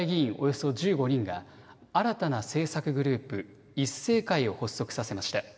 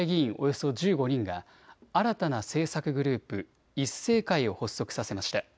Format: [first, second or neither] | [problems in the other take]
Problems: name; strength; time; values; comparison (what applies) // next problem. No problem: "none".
second | room echo; dies away in 1.2 s